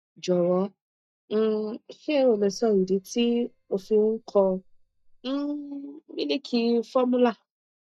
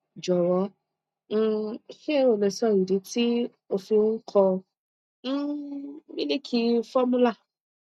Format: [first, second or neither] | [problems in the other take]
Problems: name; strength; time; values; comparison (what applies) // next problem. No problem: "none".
second | noise reduction (neural mask model DeepFilterNet 3)